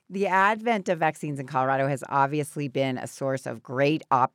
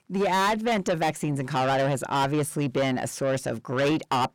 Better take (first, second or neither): first